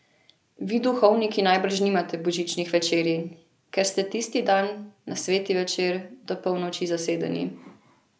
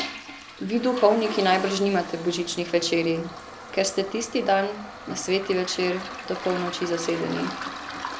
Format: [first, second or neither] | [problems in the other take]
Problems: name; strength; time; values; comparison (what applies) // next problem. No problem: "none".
first | background sound (Toilet flush); 11 dB below the speech